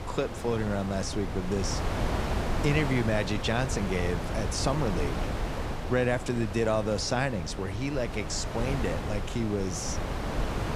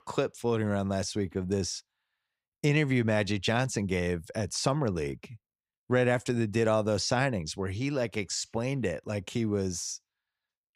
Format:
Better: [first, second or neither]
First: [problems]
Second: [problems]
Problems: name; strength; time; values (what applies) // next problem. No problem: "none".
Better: second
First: wind noise on the microphone; heavy; 5 dB below the speech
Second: none